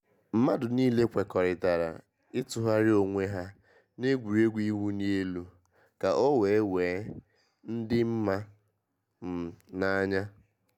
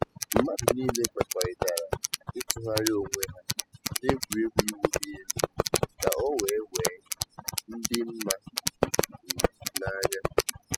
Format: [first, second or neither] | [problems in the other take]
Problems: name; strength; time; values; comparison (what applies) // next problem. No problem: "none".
first | noise reduction (classical method spectral subtraction)